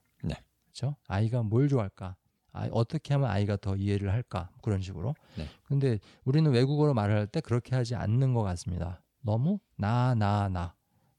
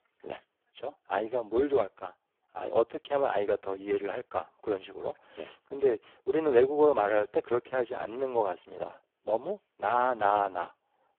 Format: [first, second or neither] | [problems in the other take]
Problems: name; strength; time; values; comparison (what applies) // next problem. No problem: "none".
first | phone-call audio; poor line